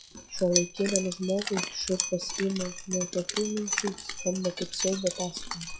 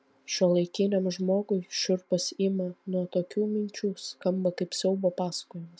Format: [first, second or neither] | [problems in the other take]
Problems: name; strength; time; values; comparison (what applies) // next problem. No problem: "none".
second | noise reduction (classical method log-MMSE)